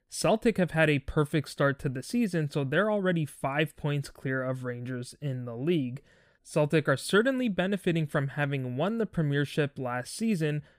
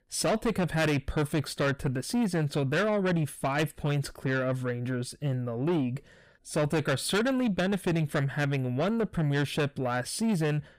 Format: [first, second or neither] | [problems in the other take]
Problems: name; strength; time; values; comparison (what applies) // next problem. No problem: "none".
first | distortion; heavy; 8 dB below the speech